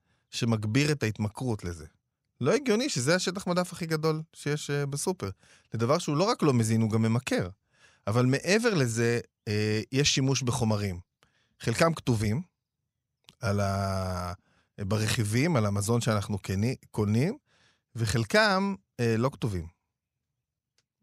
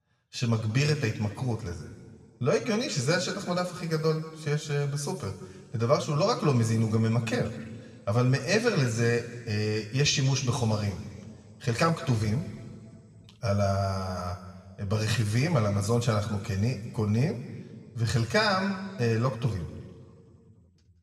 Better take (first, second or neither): first